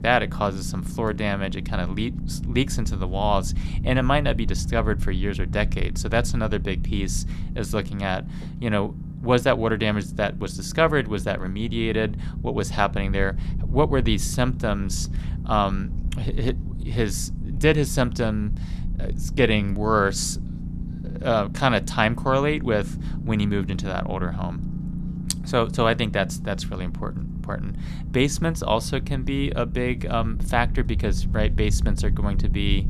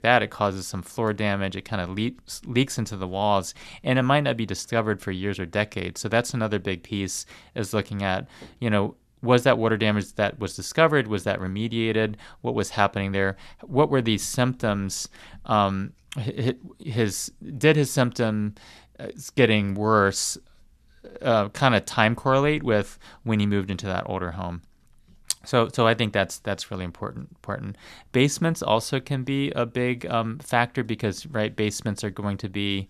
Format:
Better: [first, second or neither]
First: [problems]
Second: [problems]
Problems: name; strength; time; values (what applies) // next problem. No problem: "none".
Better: second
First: low rumble; noticeable; throughout; 15 dB below the speech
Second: none